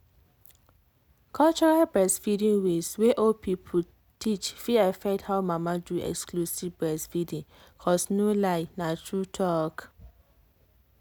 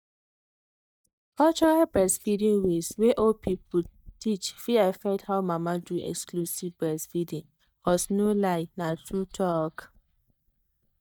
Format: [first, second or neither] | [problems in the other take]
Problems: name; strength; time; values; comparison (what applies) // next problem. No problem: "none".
first | noise reduction (neural mask model DeepFilterNet 3)